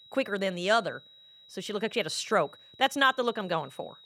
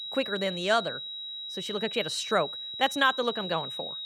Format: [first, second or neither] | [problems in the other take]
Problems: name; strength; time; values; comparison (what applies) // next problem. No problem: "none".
first | high-pitched whine; loud; throughout; 4 kHz, 6 dB below the speech; faint in the first